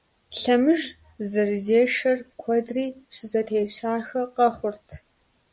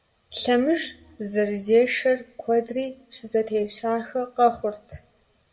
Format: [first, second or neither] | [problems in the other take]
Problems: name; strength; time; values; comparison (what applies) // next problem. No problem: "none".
first | room echo; dies away in 0.3 s